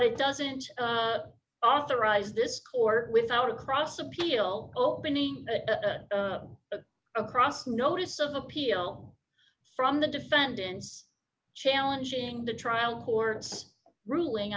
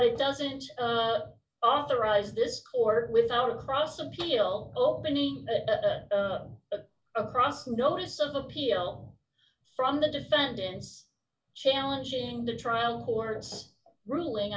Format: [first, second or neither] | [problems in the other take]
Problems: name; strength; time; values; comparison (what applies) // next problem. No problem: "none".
first | room echo; dies away in 0.2 s